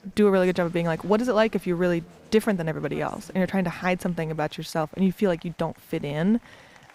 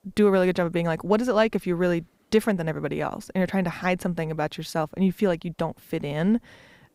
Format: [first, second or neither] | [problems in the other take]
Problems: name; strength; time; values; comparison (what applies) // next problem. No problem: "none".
second | crowd noise; faint; throughout; 25 dB below the speech